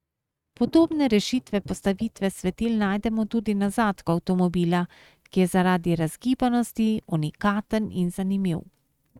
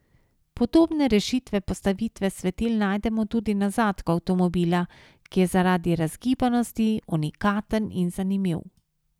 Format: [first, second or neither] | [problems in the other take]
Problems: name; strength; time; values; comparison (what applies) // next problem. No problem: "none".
second | noise reduction (neural mask model RNNoise)